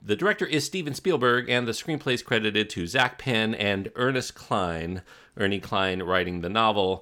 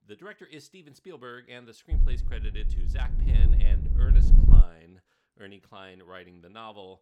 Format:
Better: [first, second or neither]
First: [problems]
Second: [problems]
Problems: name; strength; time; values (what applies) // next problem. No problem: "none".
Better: first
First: none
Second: wind noise on the microphone; heavy; from 2 to 4.5 s; as loud as the speech